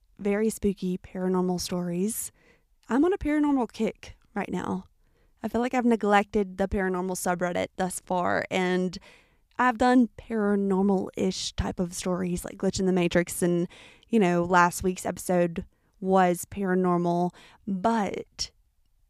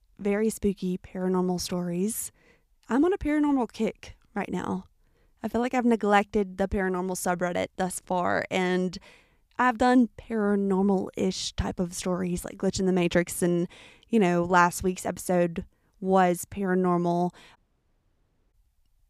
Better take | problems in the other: first | audio cutting out; at 18 s for 1 s

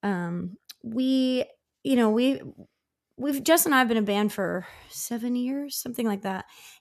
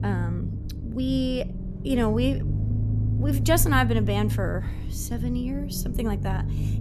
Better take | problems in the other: first | low rumble; noticeable; throughout; 10 dB below the speech

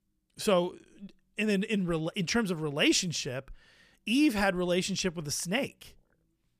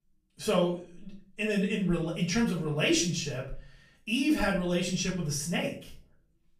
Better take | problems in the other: first | room echo; slight; dies away in 0.4 s // off-mic speech; far

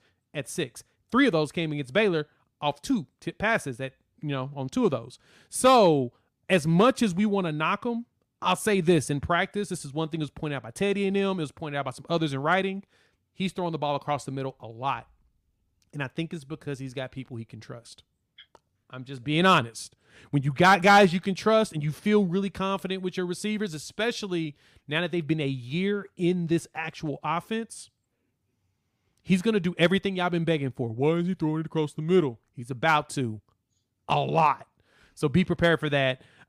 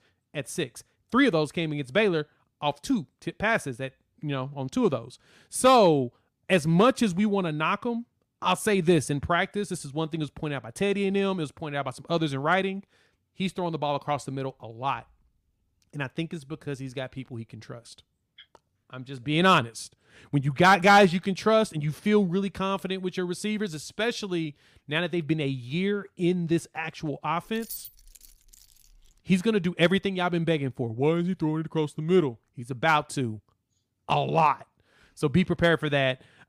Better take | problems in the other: first | jangling keys; faint; from 27 to 29 s; peak 15 dB below the speech

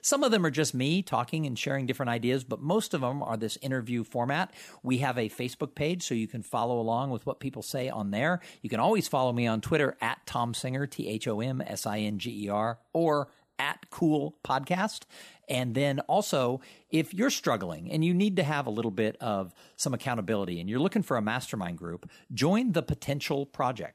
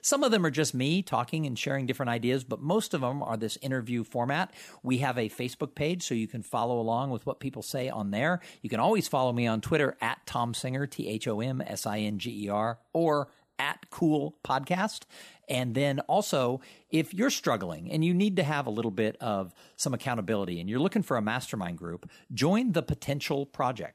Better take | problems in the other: neither | none

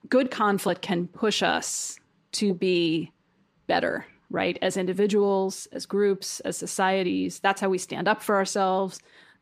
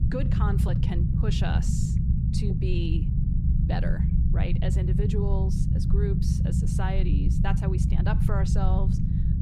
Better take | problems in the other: first | low rumble; loud; throughout; 1 dB below the speech

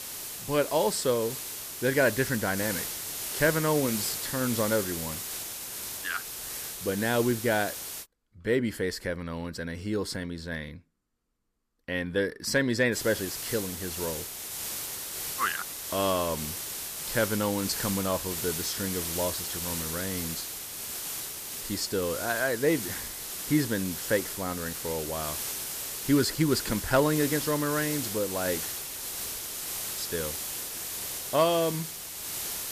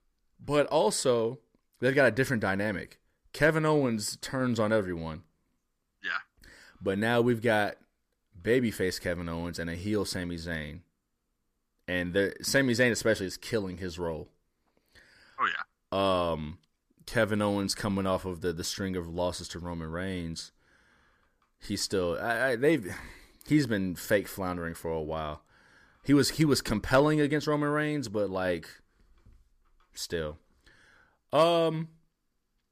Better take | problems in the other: second | hiss; loud; until 8 s and from 13 s on; 4 dB below the speech

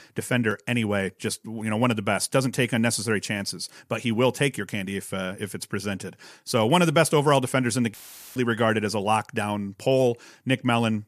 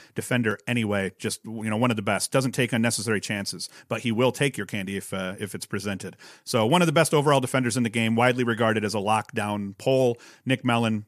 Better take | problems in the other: second | audio cutting out; filled with static; at 8 s

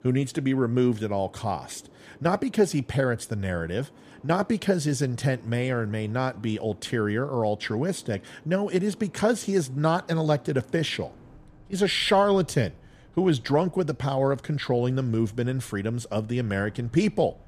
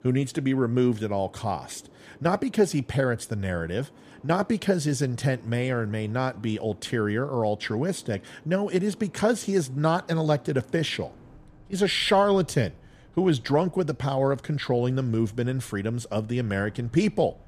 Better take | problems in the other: neither | train or aircraft noise; faint; throughout; 25 dB below the speech; the same in both

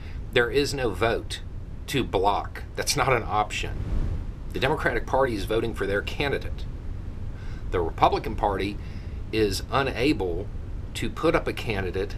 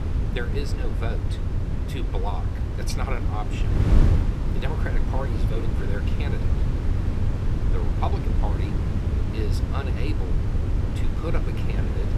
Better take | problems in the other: first | wind noise on the microphone; heavy; 1 dB below the speech; occasional gusts in the first

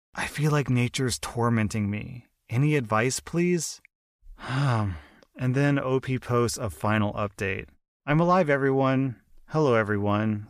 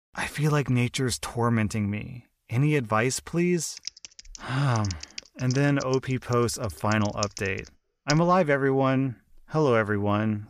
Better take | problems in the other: first | keyboard typing; noticeable; from 4 to 8 s; peak 9 dB below the speech

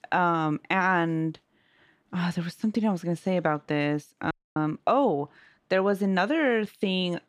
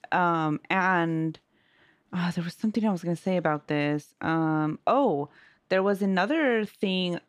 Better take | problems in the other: second | audio cutting out; at 4.5 s

